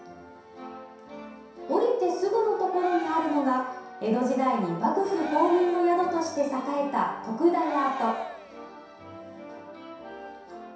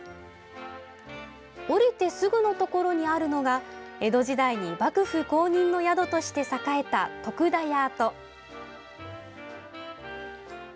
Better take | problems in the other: second | background sound (Cheering); 12 dB below the speech // room echo; dies away in 0.7 s

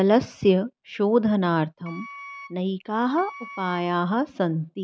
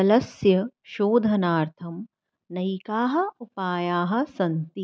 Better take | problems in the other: second | background sound (Wind instrument, woodwind instrument); 18 dB below the speech

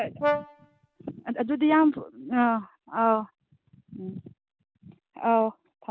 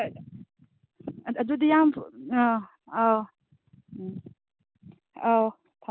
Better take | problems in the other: second | background sound (Brass instrument); 5 dB below the speech

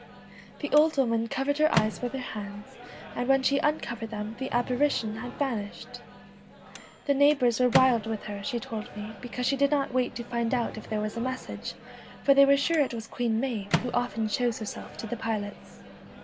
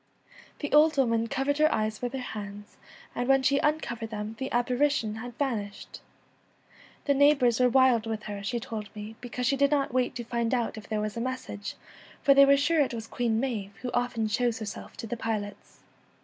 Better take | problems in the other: second | background sound (Microwave oven); 11 dB below the speech

